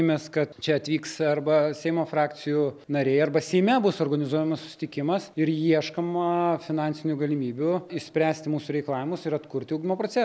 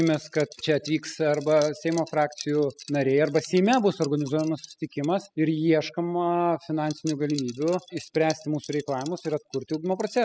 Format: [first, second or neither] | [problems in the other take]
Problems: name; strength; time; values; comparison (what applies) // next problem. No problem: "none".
first | noise reduction (classical method spectral subtraction)